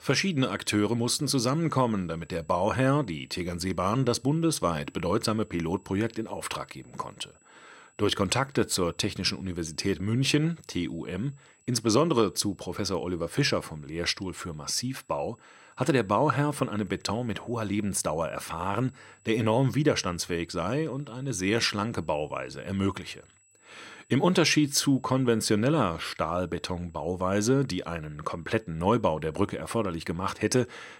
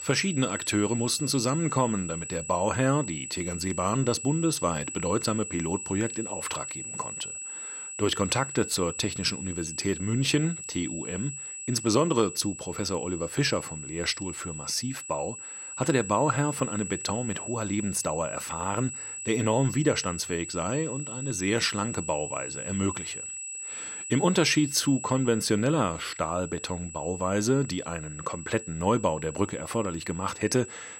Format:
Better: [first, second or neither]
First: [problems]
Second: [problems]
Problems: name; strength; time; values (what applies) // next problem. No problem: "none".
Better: first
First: high-pitched whine; faint; throughout; 8 kHz, 35 dB below the speech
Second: high-pitched whine; loud; throughout; 8 kHz, 8 dB below the speech